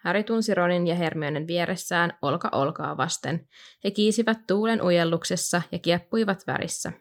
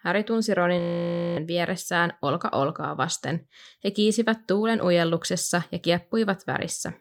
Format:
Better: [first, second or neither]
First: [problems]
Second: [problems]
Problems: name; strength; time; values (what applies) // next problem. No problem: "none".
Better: first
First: none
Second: audio freezing; at 1 s for 0.5 s